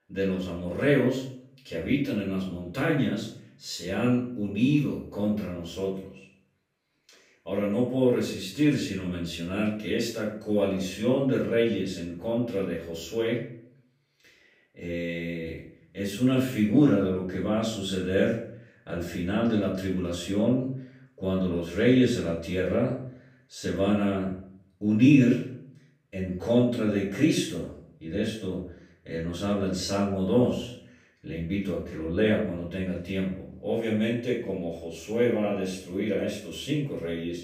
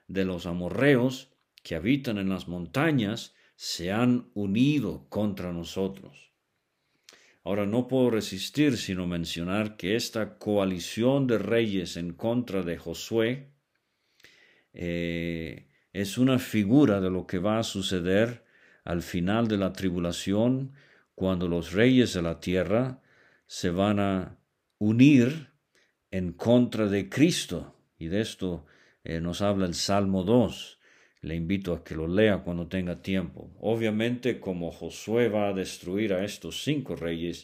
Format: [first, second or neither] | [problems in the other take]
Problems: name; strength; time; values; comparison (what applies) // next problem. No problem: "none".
second | off-mic speech; far // room echo; noticeable; dies away in 0.5 s